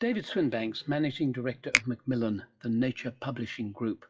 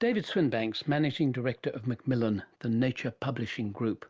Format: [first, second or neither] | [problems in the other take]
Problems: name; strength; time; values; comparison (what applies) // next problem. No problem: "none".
second | noise reduction (classical method WPE with log-MMSE)